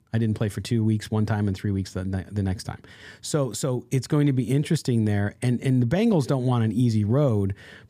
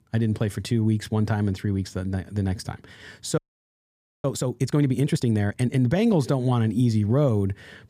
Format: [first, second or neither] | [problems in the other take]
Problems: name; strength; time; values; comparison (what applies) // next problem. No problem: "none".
first | audio freezing; at 3.5 s for 1 s